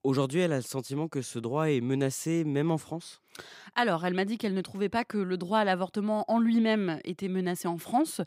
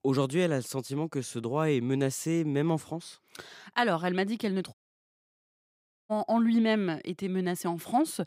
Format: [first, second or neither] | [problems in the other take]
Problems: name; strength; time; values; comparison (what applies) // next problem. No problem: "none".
first | audio cutting out; at 4.5 s for 1.5 s